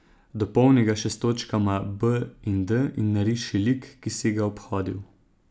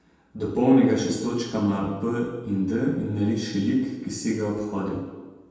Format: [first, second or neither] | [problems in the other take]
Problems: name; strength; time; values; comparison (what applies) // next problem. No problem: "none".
first | room echo; dies away in 1.1 s